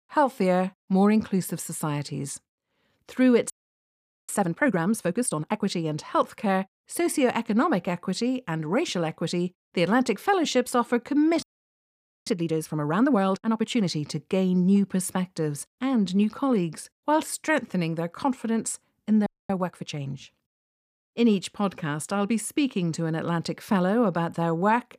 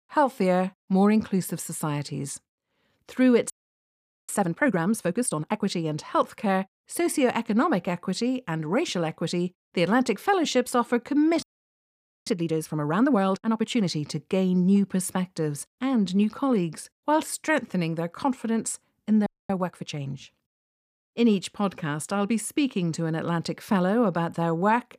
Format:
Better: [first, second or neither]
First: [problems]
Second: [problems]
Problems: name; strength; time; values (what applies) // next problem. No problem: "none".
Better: neither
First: audio freezing; at 3.5 s for 1 s, at 11 s for 1 s and at 19 s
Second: audio freezing; at 3.5 s for 1 s, at 11 s for 1 s and at 19 s